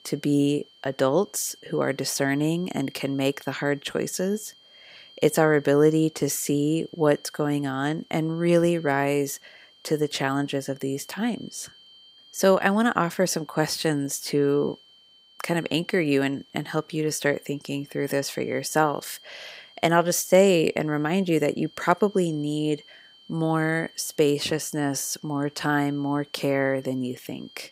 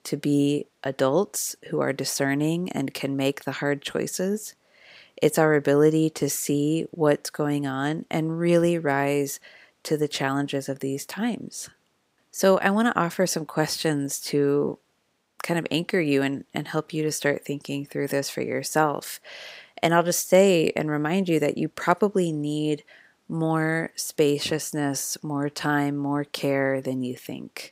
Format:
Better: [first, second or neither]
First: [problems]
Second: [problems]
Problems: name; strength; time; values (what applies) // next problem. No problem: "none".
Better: second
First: high-pitched whine; faint; throughout; 3 kHz, 25 dB below the speech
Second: none